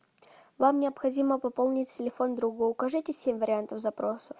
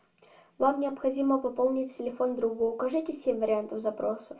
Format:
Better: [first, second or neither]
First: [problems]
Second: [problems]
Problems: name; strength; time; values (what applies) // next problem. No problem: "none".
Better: first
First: none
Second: room echo; dies away in 0.2 s